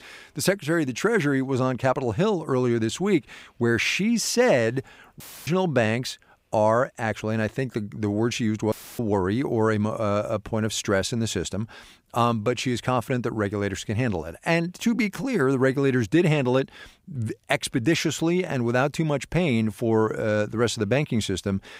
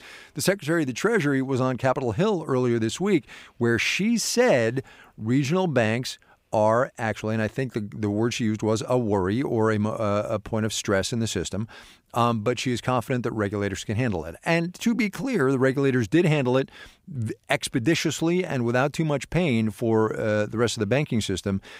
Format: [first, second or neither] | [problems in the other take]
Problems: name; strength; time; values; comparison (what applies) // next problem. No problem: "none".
second | audio cutting out; filled with static; at 5 s and at 8.5 s